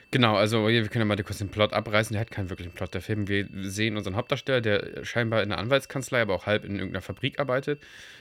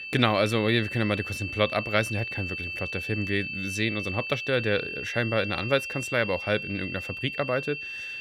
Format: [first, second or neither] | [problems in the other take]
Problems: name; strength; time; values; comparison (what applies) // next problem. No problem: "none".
first | high-pitched whine; loud; throughout; 2.5 kHz, 5 dB below the speech; faint in the first